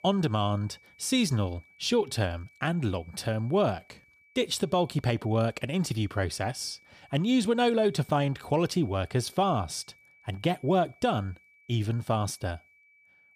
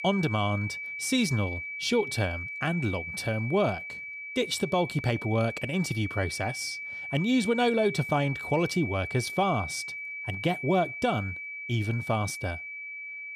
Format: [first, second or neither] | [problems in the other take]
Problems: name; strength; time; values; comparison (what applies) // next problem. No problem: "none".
first | high-pitched whine; loud; throughout; 2.5 kHz, 7 dB below the speech; faint in the first